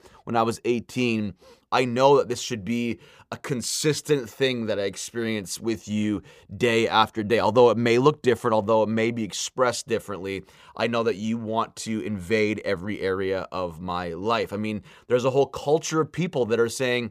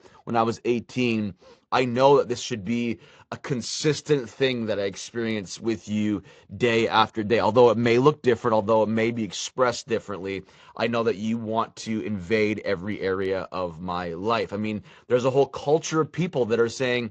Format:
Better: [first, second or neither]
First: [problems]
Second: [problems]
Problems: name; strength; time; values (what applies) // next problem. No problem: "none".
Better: first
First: none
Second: garbled, watery; slightly; nothing above 7.5 kHz